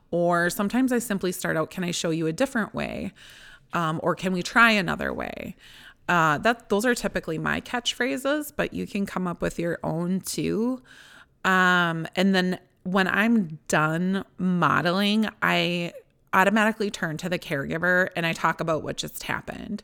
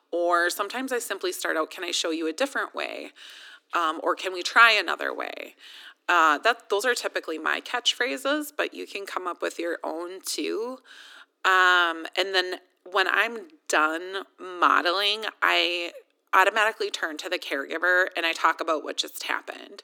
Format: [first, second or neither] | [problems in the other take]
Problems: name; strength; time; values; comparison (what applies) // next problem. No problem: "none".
first | thin; very; fading below 300 Hz